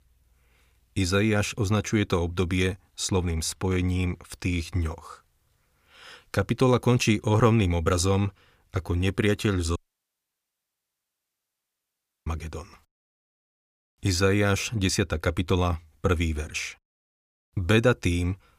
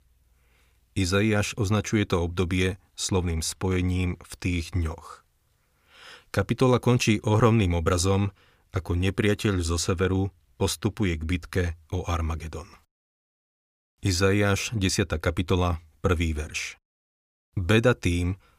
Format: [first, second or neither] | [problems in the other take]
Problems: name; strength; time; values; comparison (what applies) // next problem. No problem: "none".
second | audio cutting out; at 10 s for 2.5 s